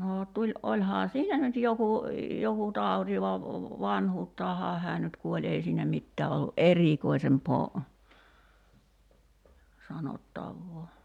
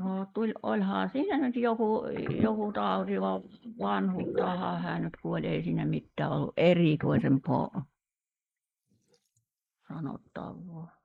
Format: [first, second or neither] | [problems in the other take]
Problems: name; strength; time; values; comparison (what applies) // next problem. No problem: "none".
first | noise reduction (neural mask model Resemble Enhance denoiser)